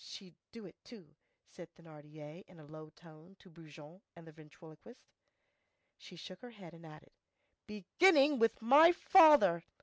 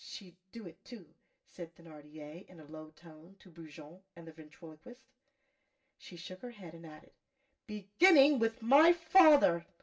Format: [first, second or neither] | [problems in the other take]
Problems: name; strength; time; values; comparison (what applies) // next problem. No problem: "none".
first | room echo; dies away in 0.2 s